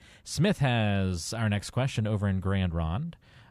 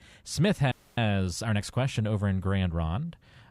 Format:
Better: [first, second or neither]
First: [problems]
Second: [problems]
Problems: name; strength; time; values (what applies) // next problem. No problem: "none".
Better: first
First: none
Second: audio freezing; at 0.5 s